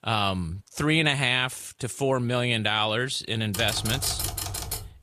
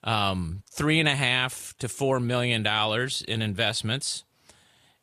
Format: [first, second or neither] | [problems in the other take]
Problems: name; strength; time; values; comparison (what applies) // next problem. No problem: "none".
second | keyboard typing; noticeable; from 3.5 s on; peak 3 dB below the speech